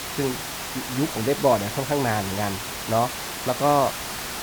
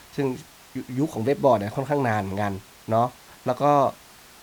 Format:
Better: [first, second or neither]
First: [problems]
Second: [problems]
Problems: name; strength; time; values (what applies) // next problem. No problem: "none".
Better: second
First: hiss; loud; throughout; 5 dB below the speech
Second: hiss; faint; throughout; 25 dB below the speech